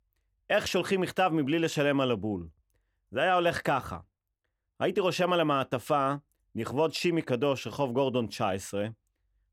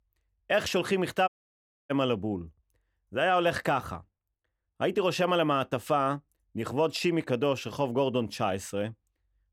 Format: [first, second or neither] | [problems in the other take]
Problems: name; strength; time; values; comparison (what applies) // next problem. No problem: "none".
first | audio cutting out; at 1.5 s for 0.5 s